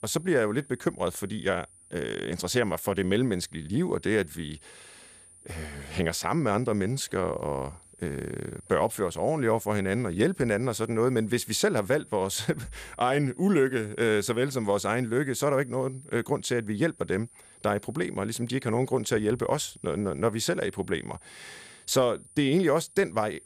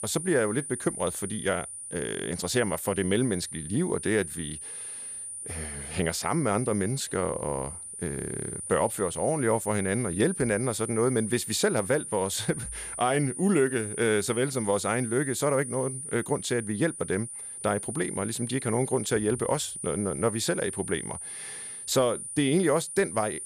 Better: first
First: high-pitched whine; faint; throughout; 9.5 kHz, 25 dB below the speech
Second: high-pitched whine; loud; throughout; 9.5 kHz, 7 dB below the speech

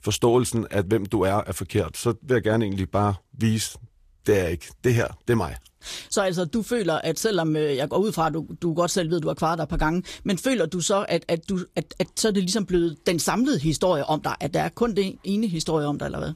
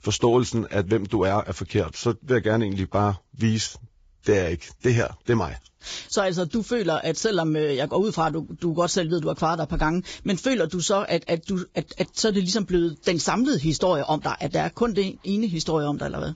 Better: first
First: garbled, watery; slightly; nothing above 14.5 kHz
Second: garbled, watery; badly; nothing above 7.5 kHz

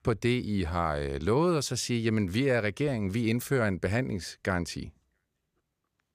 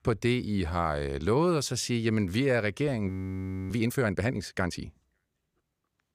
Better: first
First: none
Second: audio freezing; at 3 s for 0.5 s

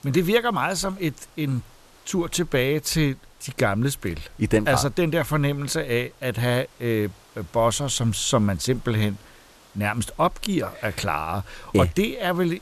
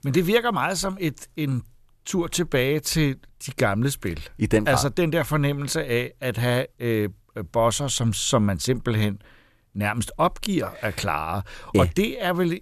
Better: second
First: hiss; faint; throughout; 30 dB below the speech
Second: none

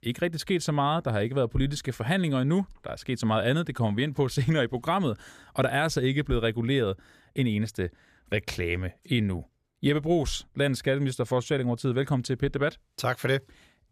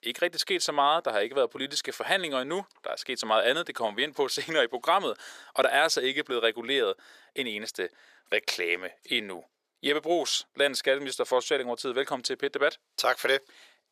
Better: first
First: none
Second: thin; very; fading below 450 Hz

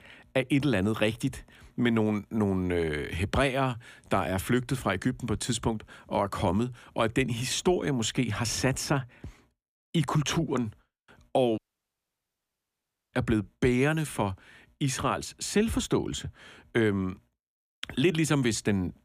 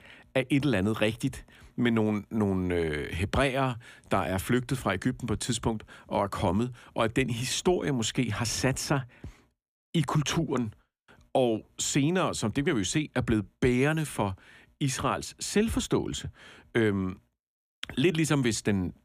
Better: second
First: audio cutting out; at 12 s for 1.5 s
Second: none

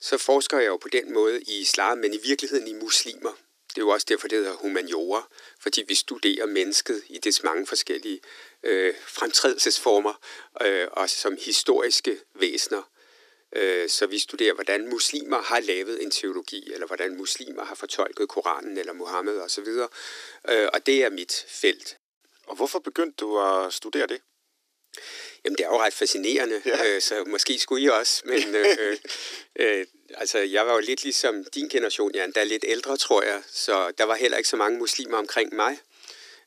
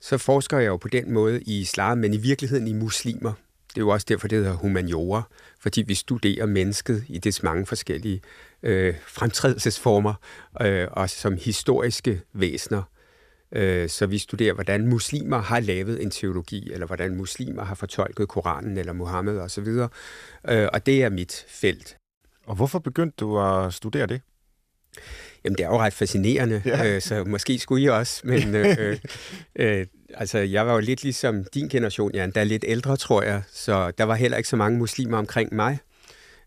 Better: second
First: thin; somewhat; fading below 300 Hz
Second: none

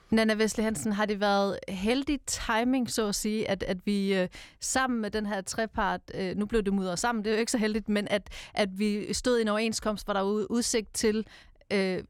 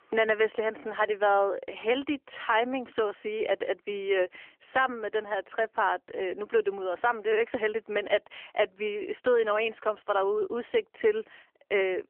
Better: first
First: none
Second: phone-call audio; nothing above 3 kHz

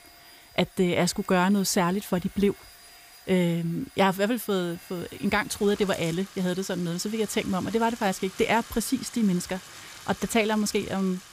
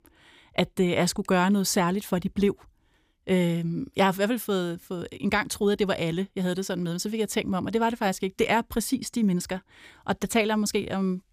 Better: second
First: household noises; noticeable; throughout; 20 dB below the speech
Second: none

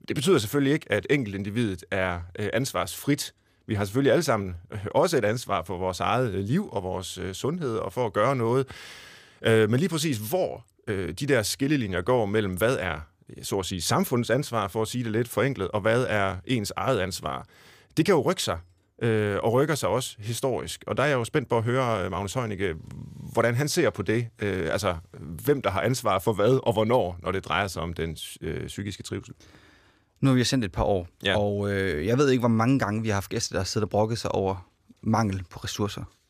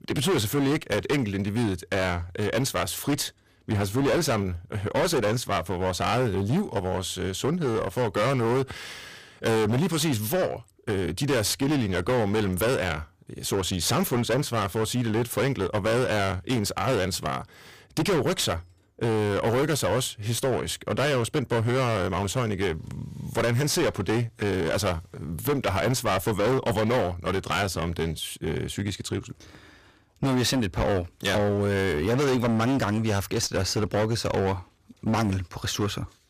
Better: first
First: none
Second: distortion; heavy; 20% of the sound clipped

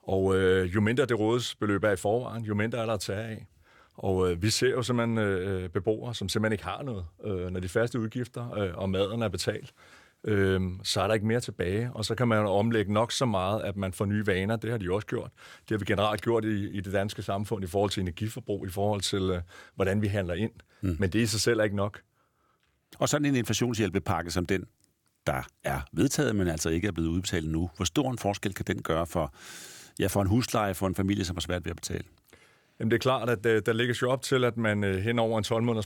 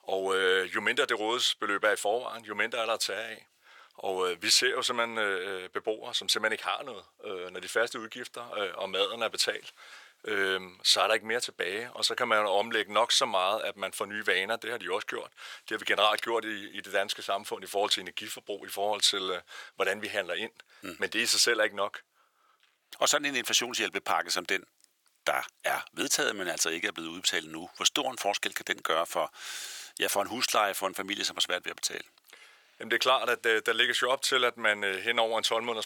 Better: first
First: none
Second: thin; very; fading below 650 Hz

